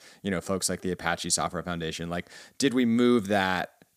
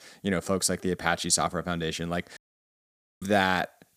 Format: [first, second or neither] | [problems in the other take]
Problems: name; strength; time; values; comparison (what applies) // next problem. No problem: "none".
first | audio cutting out; at 2.5 s for 1 s